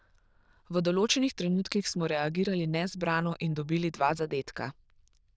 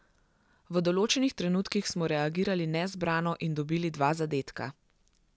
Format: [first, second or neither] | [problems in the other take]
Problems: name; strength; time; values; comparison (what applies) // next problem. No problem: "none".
second | noise reduction (neural diffusion model UNIVERSE++)